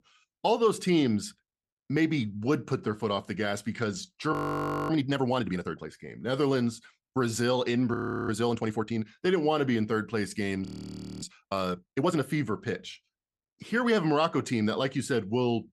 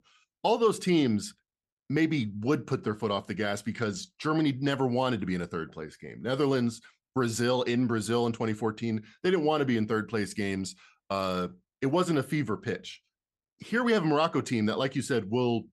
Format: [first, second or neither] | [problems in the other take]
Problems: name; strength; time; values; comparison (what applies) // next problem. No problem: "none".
second | audio freezing; at 4.5 s for 0.5 s, at 8 s and at 11 s for 0.5 s